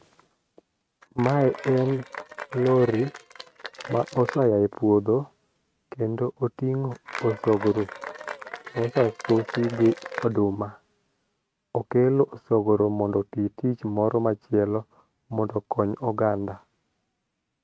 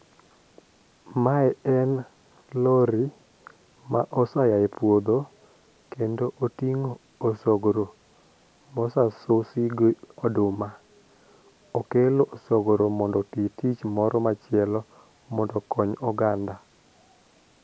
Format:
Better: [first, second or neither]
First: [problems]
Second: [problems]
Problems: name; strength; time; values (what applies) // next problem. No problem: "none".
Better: second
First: noise reduction (neural mask model RNNoise)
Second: none